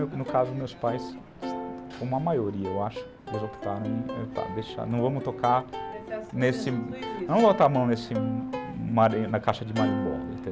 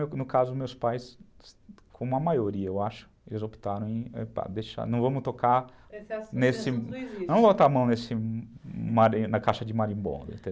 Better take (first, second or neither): second